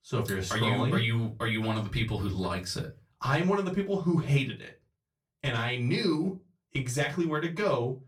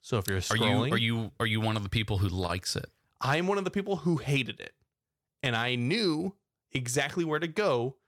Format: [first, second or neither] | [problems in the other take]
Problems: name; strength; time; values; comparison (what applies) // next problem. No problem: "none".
second | off-mic speech; far // room echo; very slight; dies away in 0.2 s